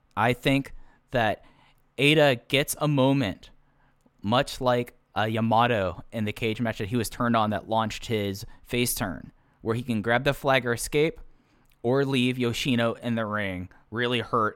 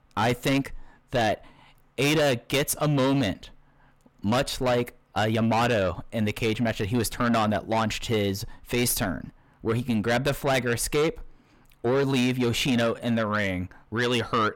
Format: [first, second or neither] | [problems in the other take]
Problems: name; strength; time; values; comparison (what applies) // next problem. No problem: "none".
first | distortion; heavy; 7 dB below the speech